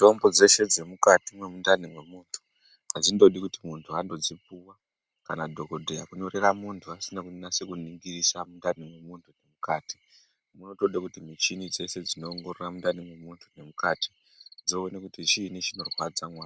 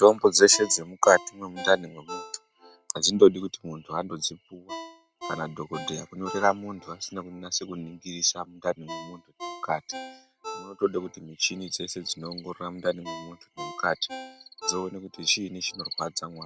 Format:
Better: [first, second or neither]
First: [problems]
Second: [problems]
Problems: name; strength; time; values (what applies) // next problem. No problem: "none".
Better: first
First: none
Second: background sound (Ringtone); 16 dB below the speech